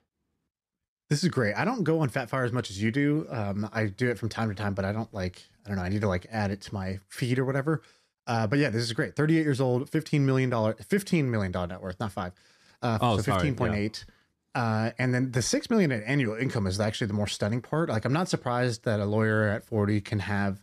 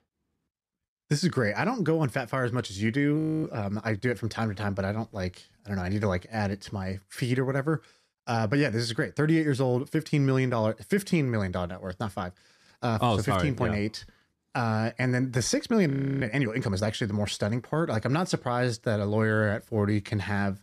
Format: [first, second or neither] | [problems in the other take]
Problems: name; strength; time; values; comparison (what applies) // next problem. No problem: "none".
first | audio freezing; at 3 s and at 16 s